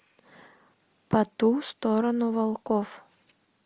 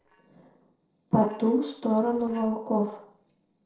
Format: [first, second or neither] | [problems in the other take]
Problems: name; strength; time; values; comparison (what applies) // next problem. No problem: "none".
first | noise reduction (neural separator model SepFormer DNS4)